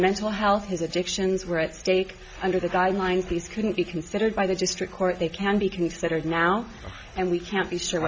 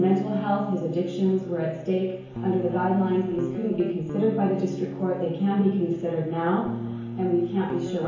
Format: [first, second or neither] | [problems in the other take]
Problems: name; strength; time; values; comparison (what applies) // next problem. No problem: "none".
first | background sound (Guitar); 10 dB below the speech // room echo; dies away in 1 s